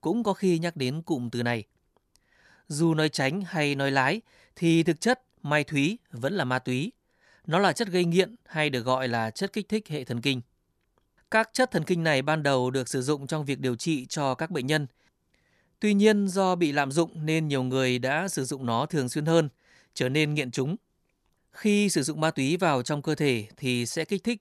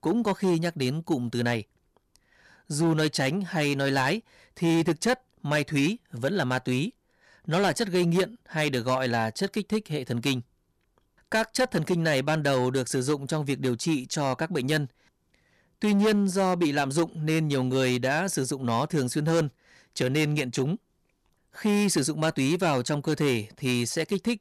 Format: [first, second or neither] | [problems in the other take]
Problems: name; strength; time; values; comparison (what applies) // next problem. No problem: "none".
first | distortion; slight; 7% of the sound clipped